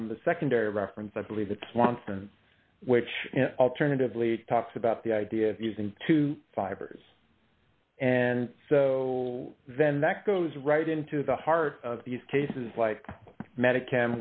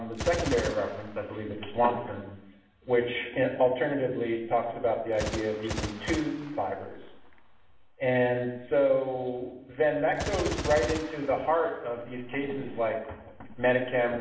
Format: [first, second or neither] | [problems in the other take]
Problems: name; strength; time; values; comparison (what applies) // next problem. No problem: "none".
first | background sound (Gunshot, gunfire); 12 dB below the speech // room echo; dies away in 0.8 s